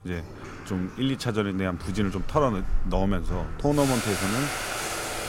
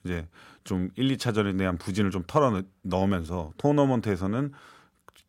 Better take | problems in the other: second | household noises; loud; throughout; 5 dB below the speech

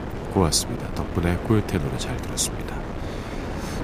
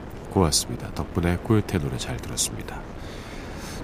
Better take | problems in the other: second | wind noise on the microphone; heavy; 7 dB below the speech; occasional gusts in the second

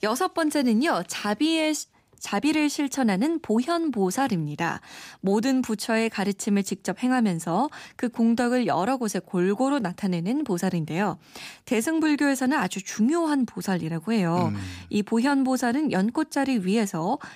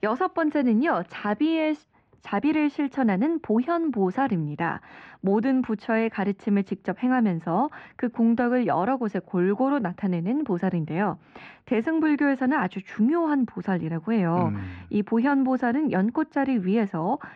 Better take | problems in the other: first | muffled; very; fading above 2 kHz

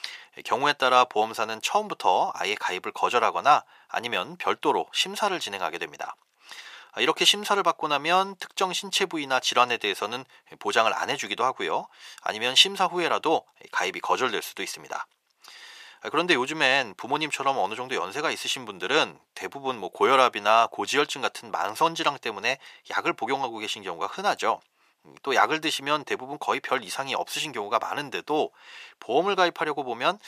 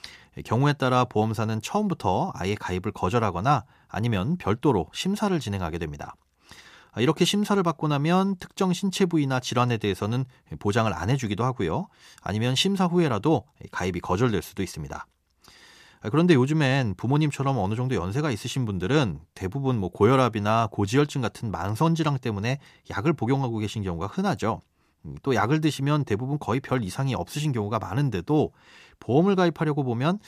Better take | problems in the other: second | thin; very; fading below 650 Hz

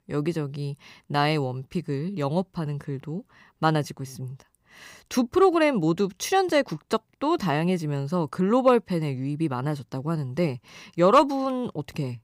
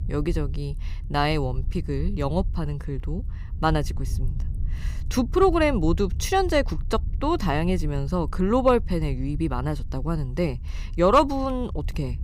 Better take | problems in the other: first | low rumble; faint; throughout; 25 dB below the speech

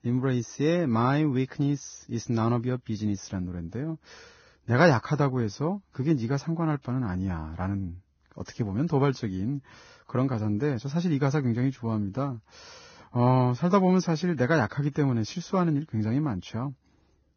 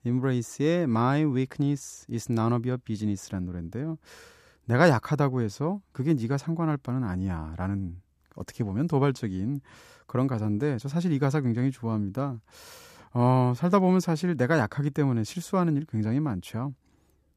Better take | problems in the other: second | garbled, watery; badly; nothing above 6.5 kHz

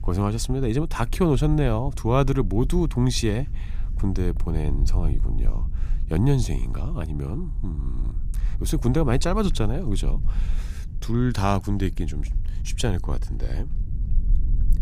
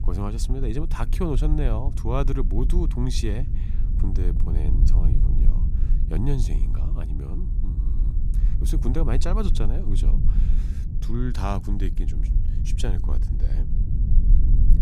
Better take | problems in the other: first | low rumble; loud; throughout; 9 dB below the speech; faint in the first

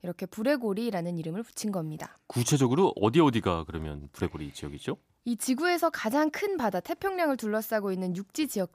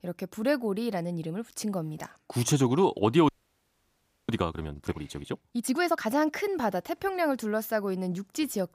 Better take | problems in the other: first | audio freezing; at 3.5 s for 1 s

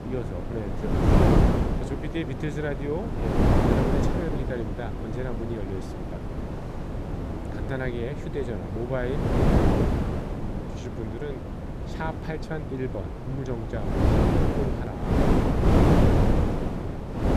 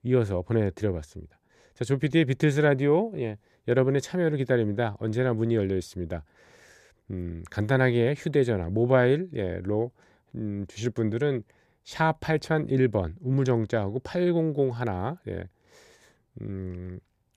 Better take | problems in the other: second | wind noise on the microphone; heavy; 5 dB above the speech

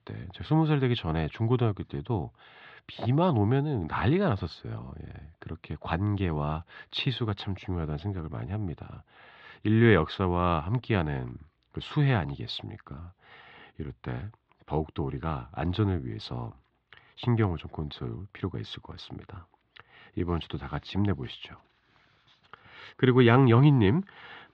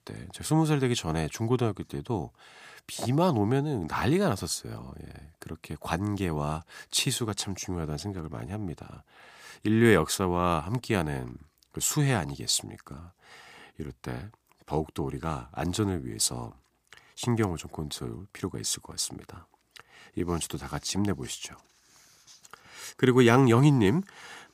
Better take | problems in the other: second | muffled; very; fading above 3.5 kHz

